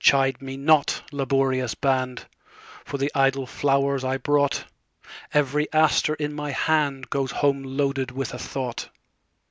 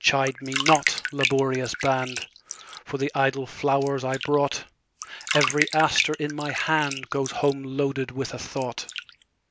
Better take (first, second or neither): first